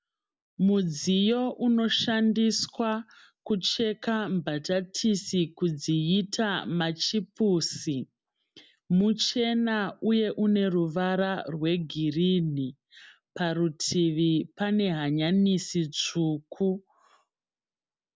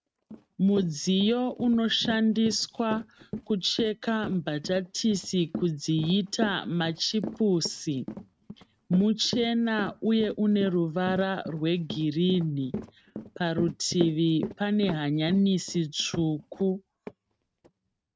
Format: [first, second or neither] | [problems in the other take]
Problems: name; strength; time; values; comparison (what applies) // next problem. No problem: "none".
first | noise reduction (neural mask model RNNoise)